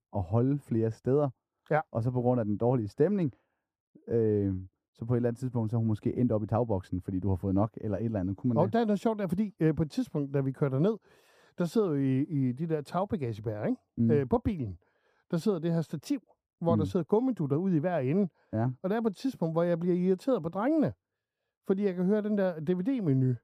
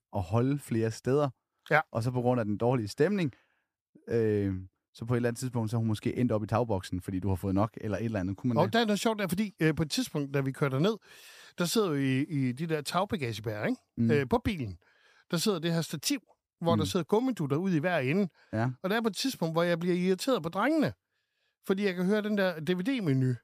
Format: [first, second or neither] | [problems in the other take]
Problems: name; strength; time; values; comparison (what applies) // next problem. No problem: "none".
second | muffled; slightly; fading above 1.5 kHz